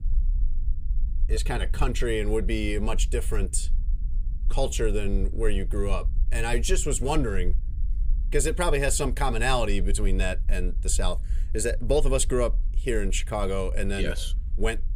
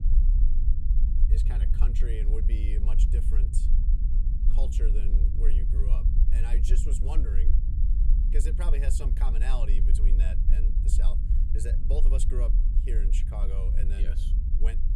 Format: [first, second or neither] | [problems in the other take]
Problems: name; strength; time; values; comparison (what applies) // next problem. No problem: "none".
first | low rumble; loud; throughout; 4 dB below the speech; faint in the first